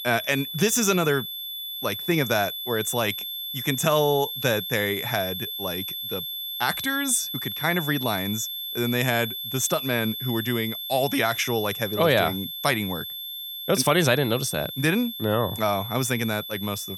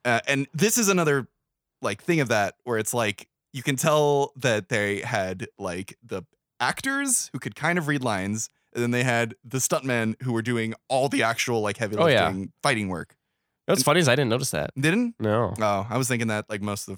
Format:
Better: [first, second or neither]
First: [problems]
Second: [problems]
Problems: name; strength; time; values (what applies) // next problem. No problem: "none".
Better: second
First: high-pitched whine; loud; throughout; 3.5 kHz, 6 dB below the speech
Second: none